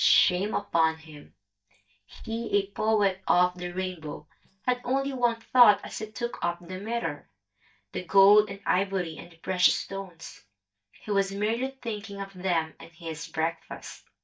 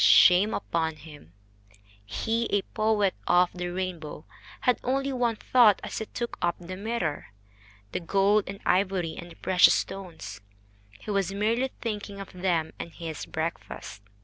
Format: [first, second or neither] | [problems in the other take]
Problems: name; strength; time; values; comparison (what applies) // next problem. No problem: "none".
second | noise reduction (neural mask model DeepFilterNet 3)